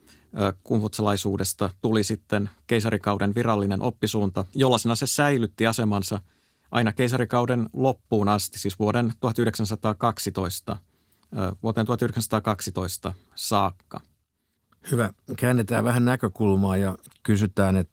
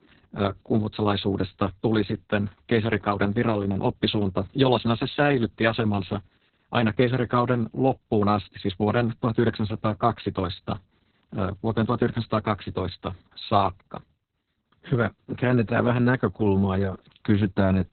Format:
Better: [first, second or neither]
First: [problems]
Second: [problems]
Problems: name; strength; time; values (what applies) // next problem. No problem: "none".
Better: first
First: garbled, watery; slightly; nothing above 16.5 kHz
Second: garbled, watery; badly; nothing above 4 kHz